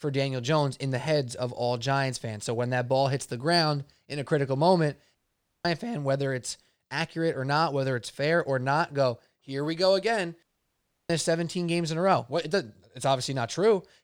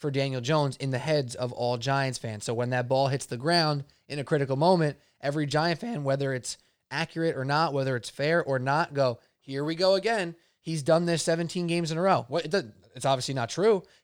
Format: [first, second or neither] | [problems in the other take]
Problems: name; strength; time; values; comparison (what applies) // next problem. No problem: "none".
second | audio cutting out; at 5 s for 0.5 s and at 10 s for 0.5 s